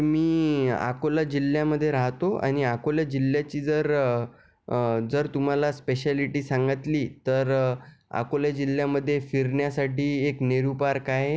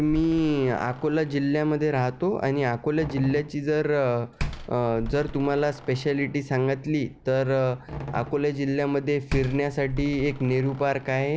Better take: first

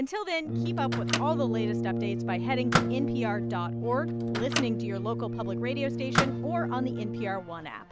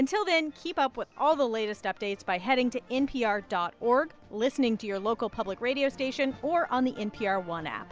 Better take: second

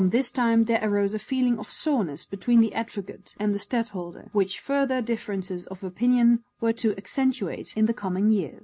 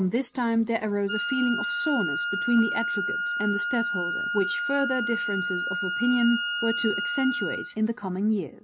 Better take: first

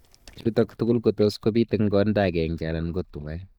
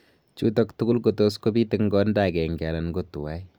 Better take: second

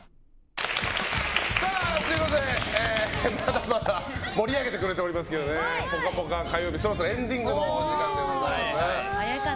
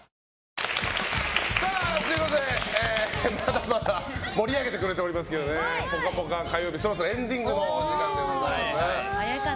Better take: second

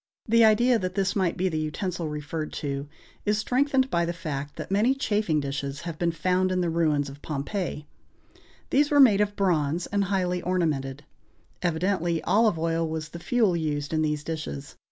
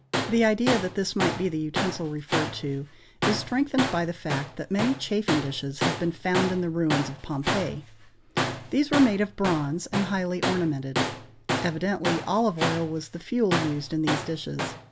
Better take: first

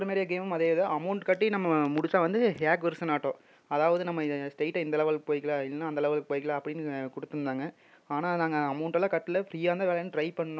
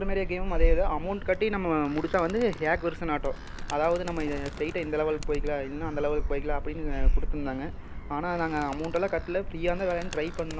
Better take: first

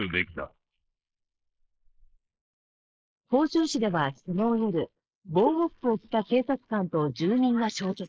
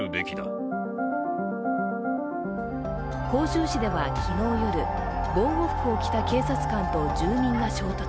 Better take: second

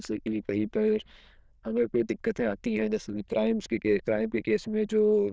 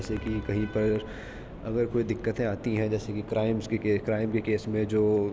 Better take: second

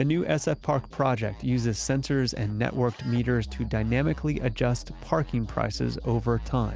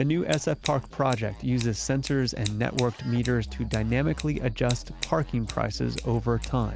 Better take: first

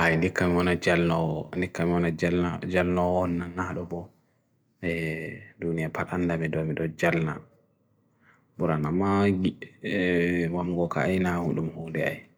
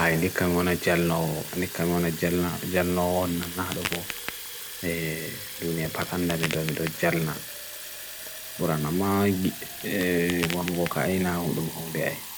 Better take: first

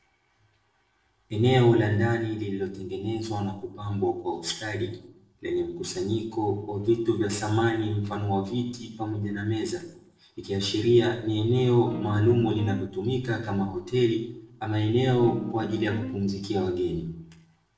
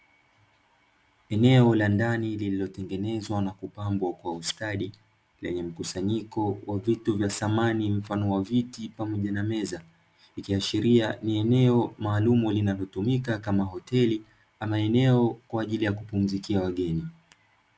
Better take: second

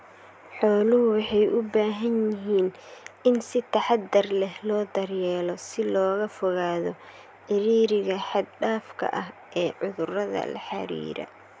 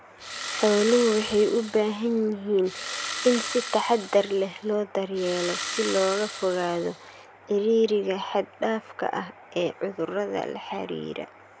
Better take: first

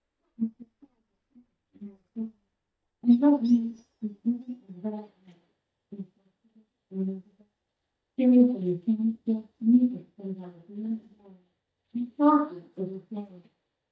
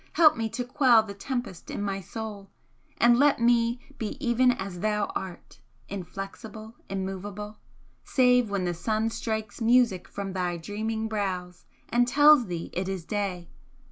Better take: second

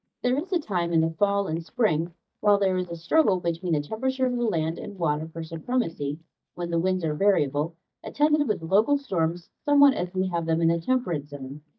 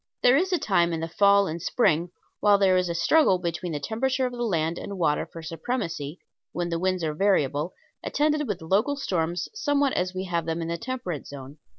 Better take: second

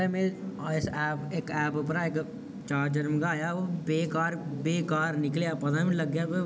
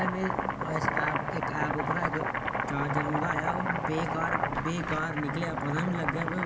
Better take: first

